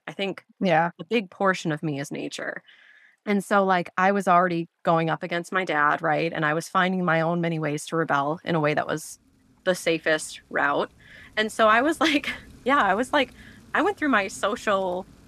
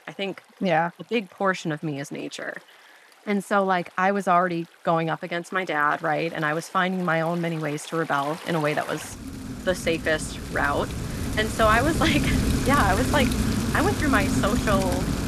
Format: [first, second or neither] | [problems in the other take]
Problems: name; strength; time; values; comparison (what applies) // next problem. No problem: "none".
first | rain or running water; loud; throughout; 2 dB below the speech; faint in the first